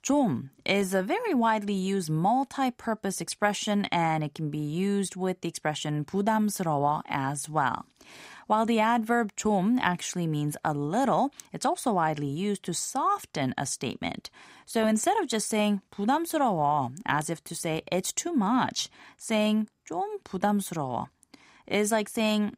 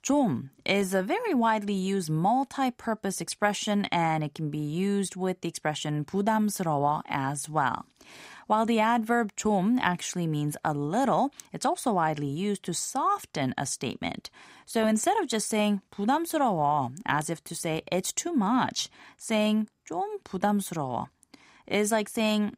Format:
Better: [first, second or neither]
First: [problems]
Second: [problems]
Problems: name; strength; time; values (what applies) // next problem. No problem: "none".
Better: neither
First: none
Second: none